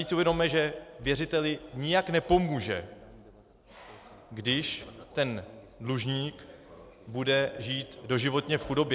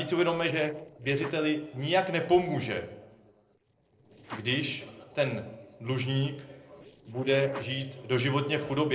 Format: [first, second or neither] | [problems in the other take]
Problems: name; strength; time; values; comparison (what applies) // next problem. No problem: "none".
first | noise reduction (neural separator model SepFormer DNS4)